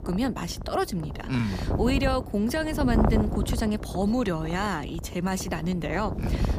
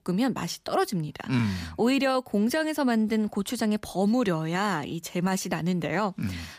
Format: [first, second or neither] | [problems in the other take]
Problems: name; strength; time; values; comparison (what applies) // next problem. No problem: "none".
second | wind noise on the microphone; heavy; 8 dB below the speech